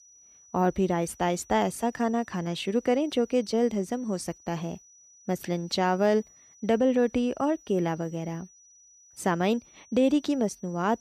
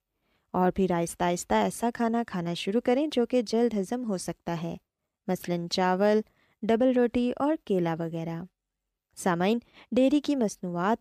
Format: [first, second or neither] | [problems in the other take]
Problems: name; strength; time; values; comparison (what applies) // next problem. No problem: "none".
second | high-pitched whine; faint; throughout; 6 kHz, 25 dB below the speech